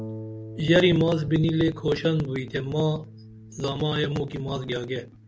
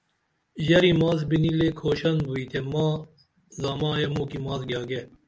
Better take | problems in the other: second | background sound (Harp); 16 dB below the speech

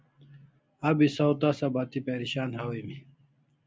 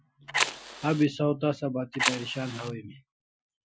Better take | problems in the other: first | noise reduction (classical method Wiener filter)

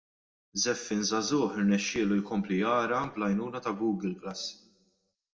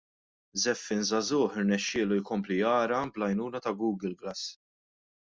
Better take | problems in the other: second | room echo; dies away in 0.6 s

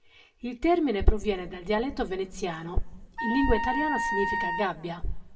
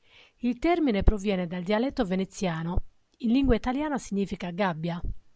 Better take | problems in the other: second | background sound (Wind instrument, woodwind instrument); 3 dB below the speech // room echo; dies away in 1.6 s

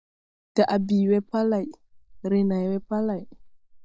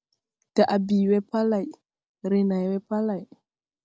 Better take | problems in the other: second | noise reduction (neural mask model DeepFilterNet 3)

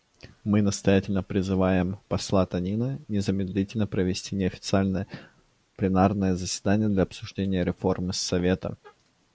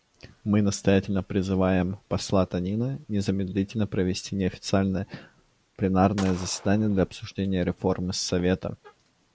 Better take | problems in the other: first | background sound (Gunshot, gunfire); 18 dB below the speech

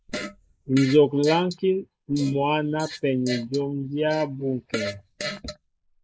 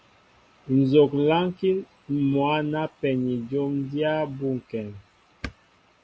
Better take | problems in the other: second | noise reduction (neural mask model Resemble Enhance denoiser)

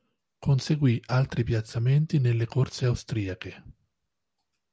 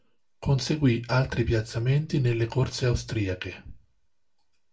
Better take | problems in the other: first | room echo; dies away in 0.2 s

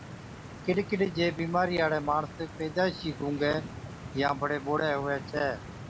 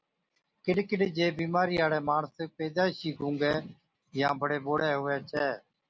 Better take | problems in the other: second | background sound (Stream); 13 dB below the speech

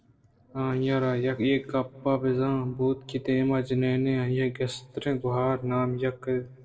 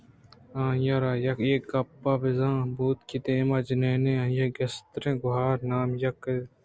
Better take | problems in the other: second | noise reduction (neural separator model SepFormer DNS4)

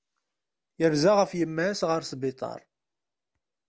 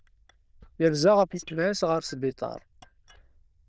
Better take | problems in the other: first | noise reduction (neural diffusion model UNIVERSE++)

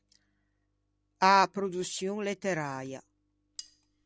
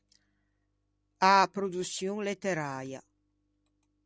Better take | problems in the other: second | background sound (Cutlery, silverware); 18 dB below the speech

